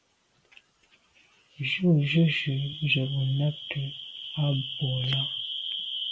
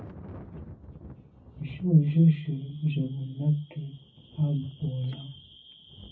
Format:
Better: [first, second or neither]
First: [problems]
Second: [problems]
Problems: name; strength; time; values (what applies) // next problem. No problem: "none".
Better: first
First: none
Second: background sound (Thunder); 19 dB below the speech // room echo; dies away in 0.4 s